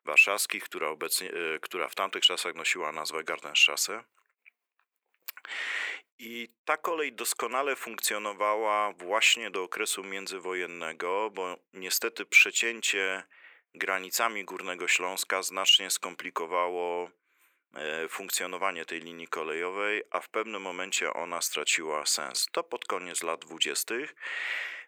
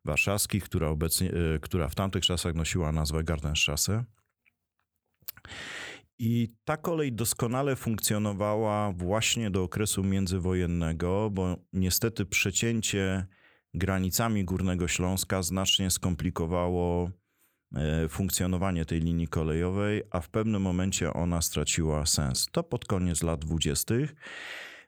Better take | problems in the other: second | thin; very; fading below 350 Hz

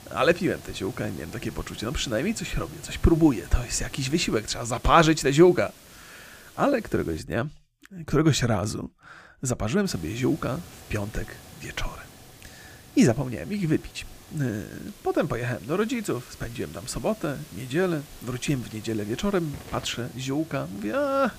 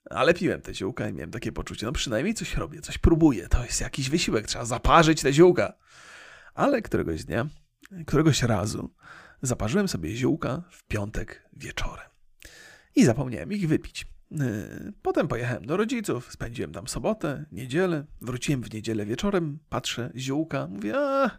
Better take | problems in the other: second | hiss; noticeable; until 7 s and from 10 s on; 20 dB below the speech

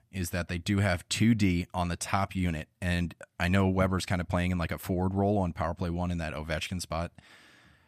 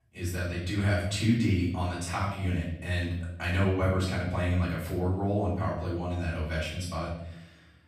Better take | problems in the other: first | room echo; noticeable; dies away in 0.7 s // off-mic speech; far

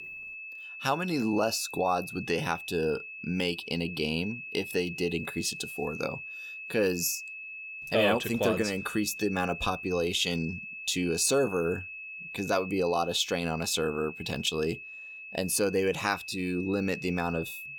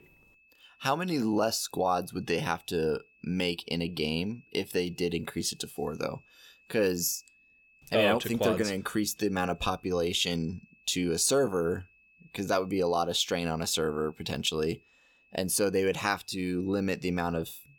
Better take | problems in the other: second | high-pitched whine; loud; throughout; 2.5 kHz, 10 dB below the speech; faint in the second

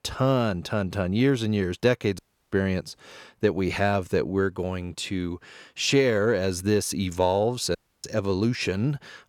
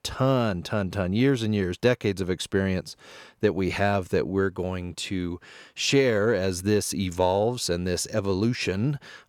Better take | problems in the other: second | audio cutting out; at 2 s and at 8 s

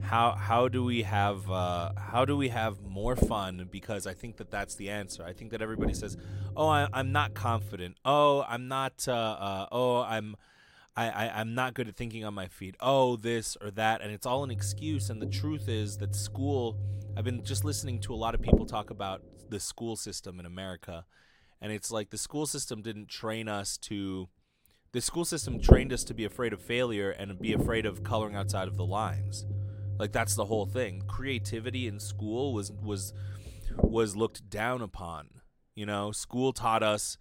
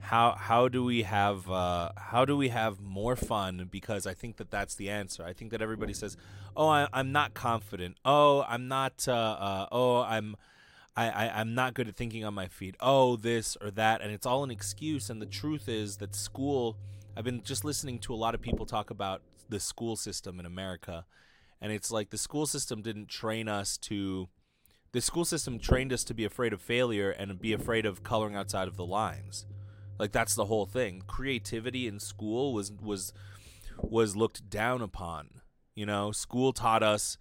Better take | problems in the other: second | low rumble; loud; until 8 s, from 14 to 20 s and from 25 to 34 s; 9 dB below the speech; faint in the second

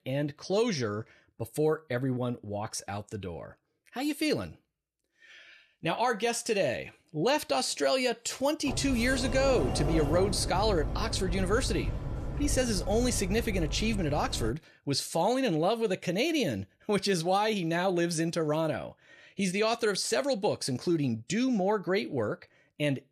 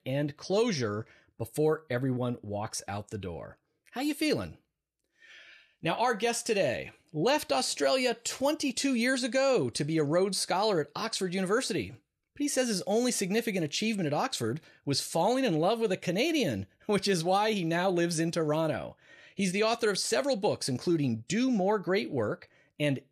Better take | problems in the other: second | door banging; noticeable; from 8.5 to 15 s; peak 2 dB below the speech

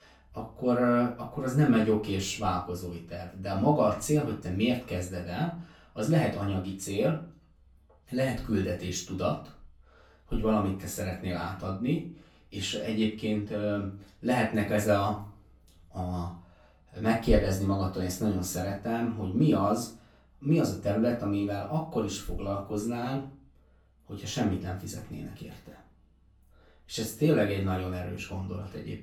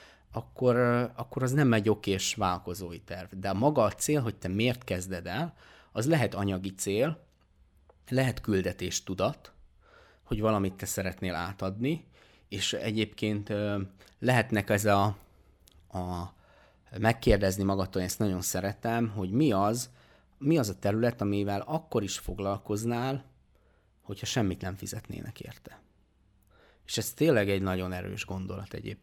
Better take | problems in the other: second | off-mic speech; far // room echo; slight; dies away in 0.3 s

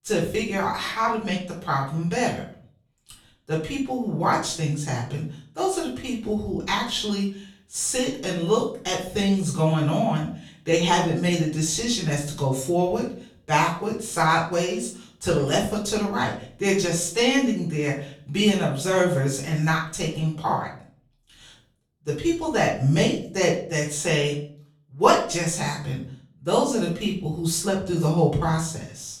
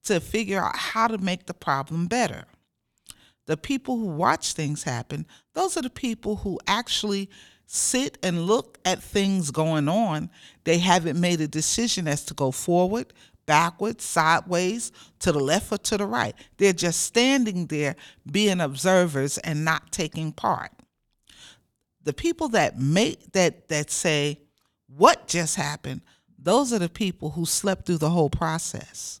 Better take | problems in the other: second | room echo; slight; dies away in 0.4 s // off-mic speech; far

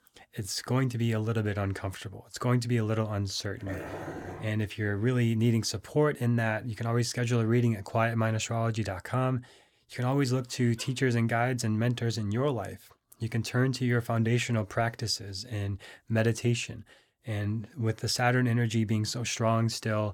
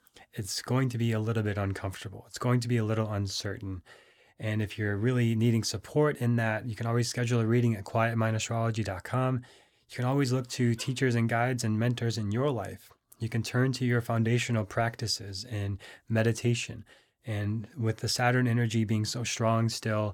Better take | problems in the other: second | dog barking; noticeable; at 3.5 s; peak 9 dB below the speech

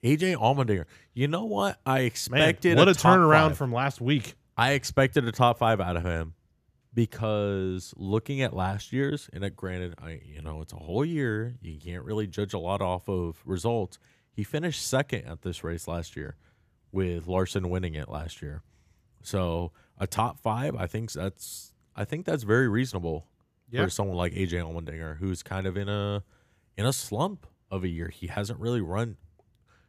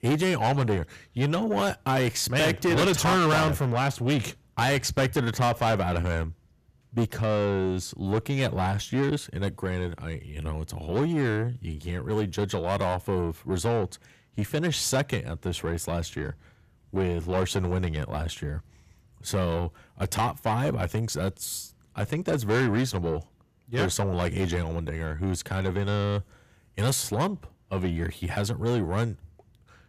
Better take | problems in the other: first | distortion; heavy; 6 dB below the speech

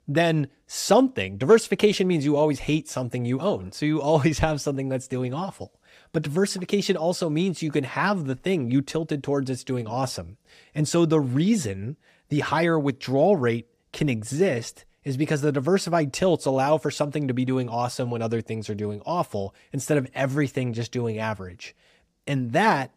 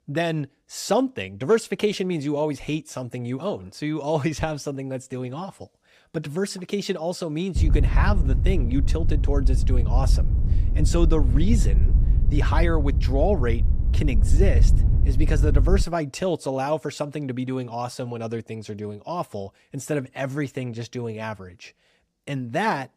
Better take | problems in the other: first | wind noise on the microphone; occasional gusts; from 7.5 to 16 s; 10 dB below the speech

